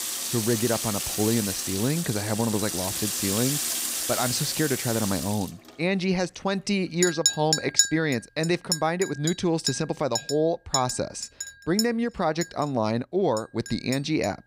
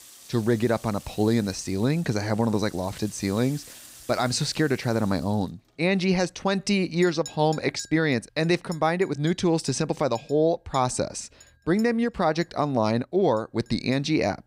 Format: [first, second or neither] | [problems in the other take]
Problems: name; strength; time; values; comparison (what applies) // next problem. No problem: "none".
second | household noises; loud; throughout; 1 dB below the speech; faint in the second